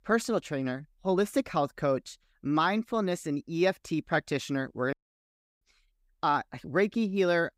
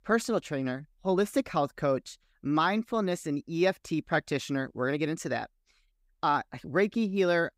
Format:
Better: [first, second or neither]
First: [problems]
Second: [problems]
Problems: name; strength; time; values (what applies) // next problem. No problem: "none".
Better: second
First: audio cutting out; at 5 s for 0.5 s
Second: none